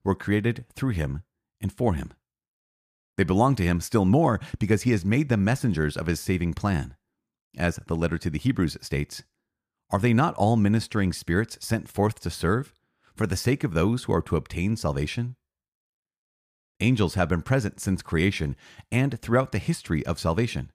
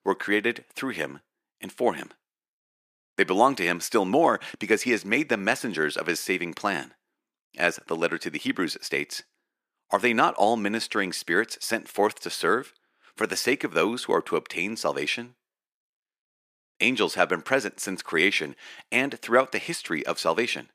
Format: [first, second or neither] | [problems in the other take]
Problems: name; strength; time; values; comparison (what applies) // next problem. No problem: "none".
first | thin; somewhat; fading below 300 Hz